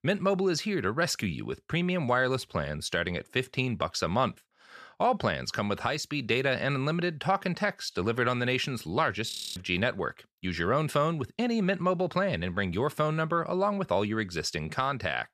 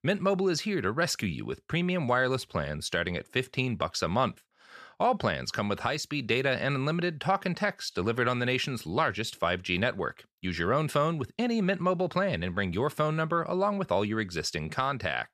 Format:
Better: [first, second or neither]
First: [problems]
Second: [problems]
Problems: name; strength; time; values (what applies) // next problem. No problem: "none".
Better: second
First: audio freezing; at 9.5 s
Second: none